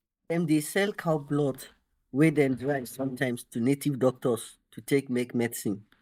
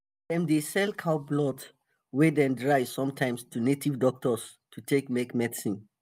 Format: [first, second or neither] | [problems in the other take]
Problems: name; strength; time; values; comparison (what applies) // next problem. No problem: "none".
second | noise reduction (neural mask model DeepFilterNet 3)